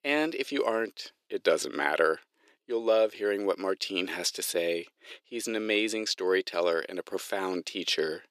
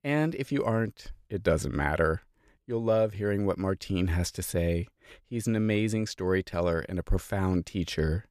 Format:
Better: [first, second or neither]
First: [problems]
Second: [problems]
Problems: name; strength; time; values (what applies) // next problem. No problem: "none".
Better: second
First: thin; somewhat; fading below 350 Hz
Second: none